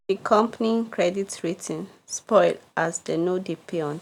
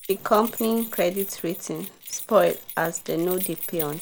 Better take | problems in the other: first | background sound (Keys jangling); 11 dB below the speech

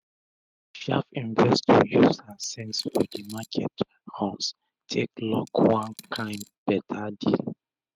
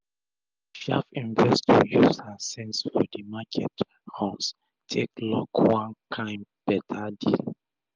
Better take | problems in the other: second | noise reduction (neural mask model RNNoise)

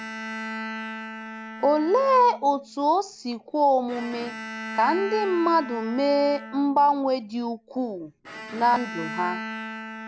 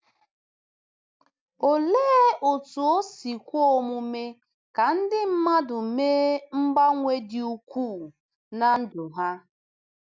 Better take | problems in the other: second | background sound (Bowed string instrument); 12 dB below the speech

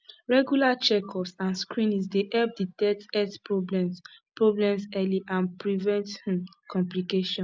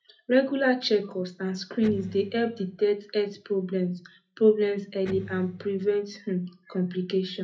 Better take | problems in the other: first | background sound (Electric guitar); 14 dB below the speech // room echo; dies away in 0.3 s

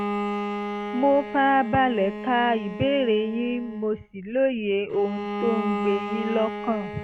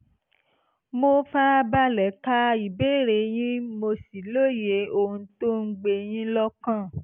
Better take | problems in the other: second | background sound (Bowed string instrument); 7 dB below the speech

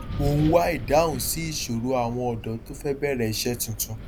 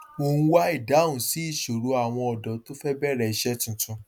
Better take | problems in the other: second | background sound (Wind); 10 dB below the speech

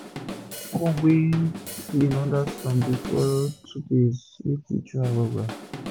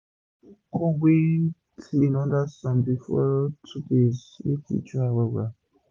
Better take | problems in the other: second | background sound (Drum kit); 13 dB below the speech

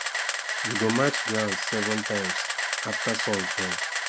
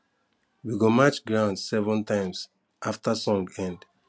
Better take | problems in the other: second | background sound (Camera); 1 dB above the speech

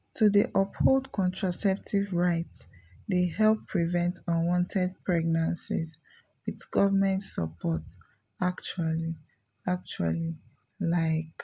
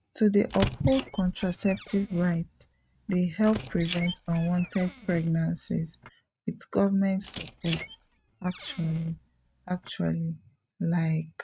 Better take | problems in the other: first | noise reduction (neural mask model RNNoise)

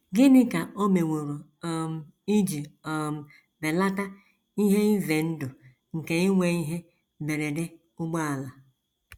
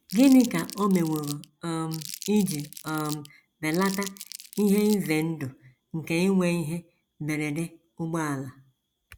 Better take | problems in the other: first | background sound (Crumpling, crinkling); 15 dB below the speech

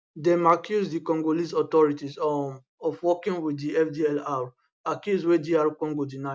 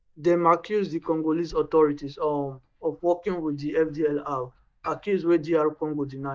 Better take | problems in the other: first | noise reduction (neural mask model DeepFilterNet 3)

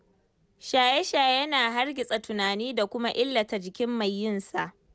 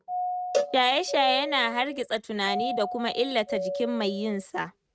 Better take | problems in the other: first | noise reduction (neural mask model RNNoise)

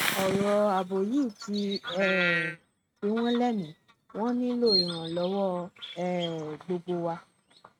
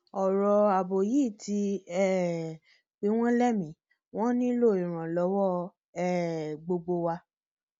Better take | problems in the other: second | noise reduction (neural mask model RNNoise)

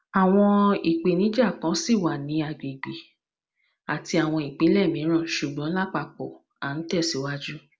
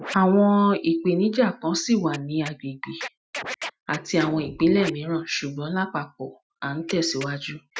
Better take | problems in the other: first | noise reduction (classical method Wiener filter)

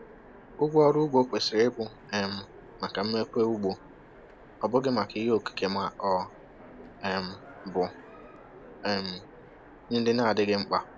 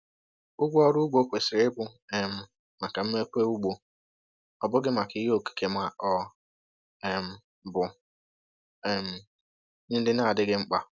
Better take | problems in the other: second | background sound (Train); 20 dB below the speech

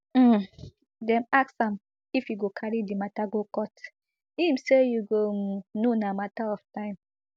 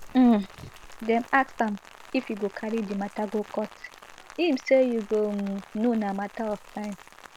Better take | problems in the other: first | background sound (Rain); 20 dB below the speech

